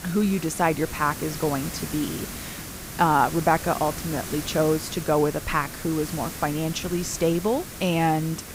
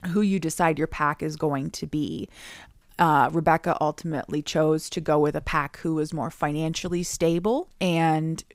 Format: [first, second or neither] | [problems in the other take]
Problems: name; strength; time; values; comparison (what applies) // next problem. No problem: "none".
second | hiss; loud; throughout; 10 dB below the speech